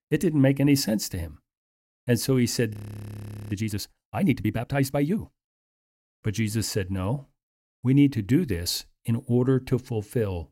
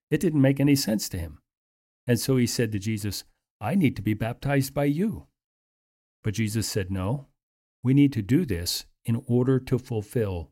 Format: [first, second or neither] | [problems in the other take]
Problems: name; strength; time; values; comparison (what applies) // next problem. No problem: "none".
second | audio freezing; at 2.5 s for 1 s